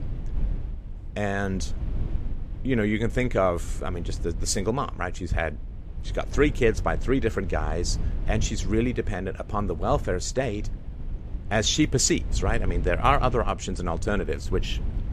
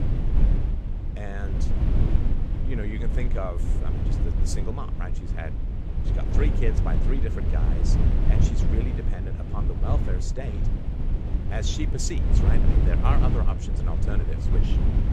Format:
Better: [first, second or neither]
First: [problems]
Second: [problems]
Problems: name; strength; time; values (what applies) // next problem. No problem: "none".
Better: first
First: low rumble; faint; throughout; 20 dB below the speech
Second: low rumble; loud; throughout; 2 dB below the speech